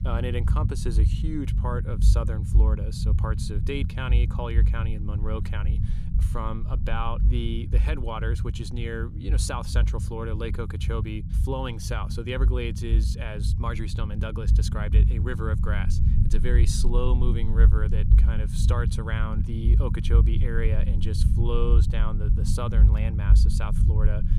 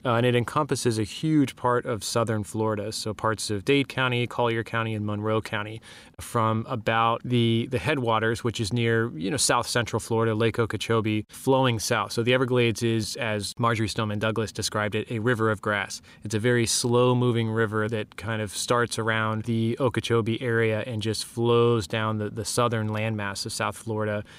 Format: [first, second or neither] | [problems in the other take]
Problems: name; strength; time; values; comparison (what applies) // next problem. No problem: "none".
second | low rumble; loud; throughout; 6 dB below the speech